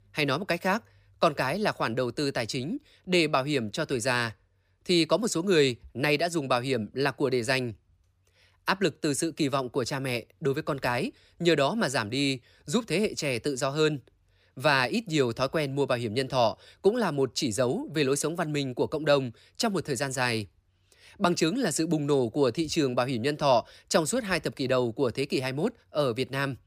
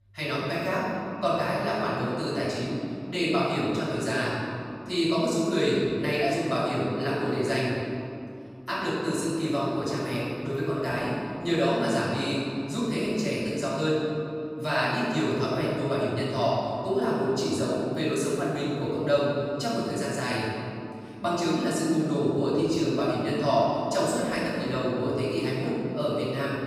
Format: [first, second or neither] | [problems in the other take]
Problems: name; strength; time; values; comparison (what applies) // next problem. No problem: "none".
first | room echo; strong; dies away in 2.6 s // off-mic speech; far